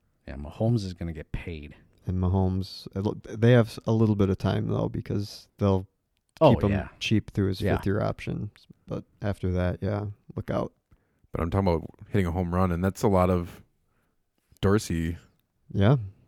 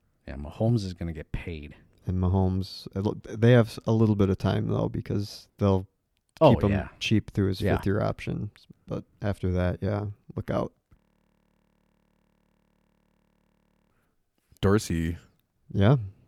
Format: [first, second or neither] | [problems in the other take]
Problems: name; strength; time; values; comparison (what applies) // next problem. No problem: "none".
first | audio freezing; at 11 s for 3 s